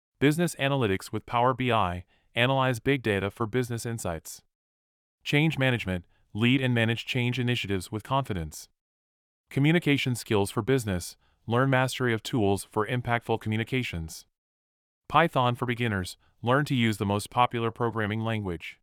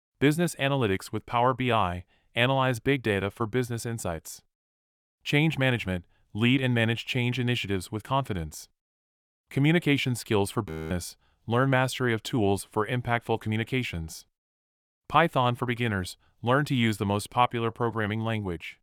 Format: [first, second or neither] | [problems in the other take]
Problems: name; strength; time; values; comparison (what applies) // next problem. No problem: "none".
first | audio freezing; at 11 s